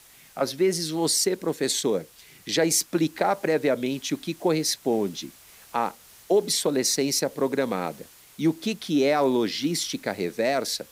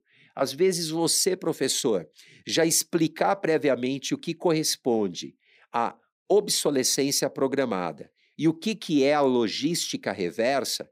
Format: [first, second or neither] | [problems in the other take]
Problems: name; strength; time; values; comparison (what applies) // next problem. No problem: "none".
second | hiss; faint; throughout; 25 dB below the speech